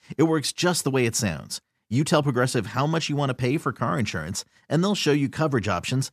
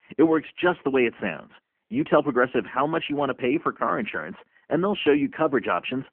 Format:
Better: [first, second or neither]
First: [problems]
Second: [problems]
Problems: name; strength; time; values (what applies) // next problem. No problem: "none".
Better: first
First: none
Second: phone-call audio; nothing above 3 kHz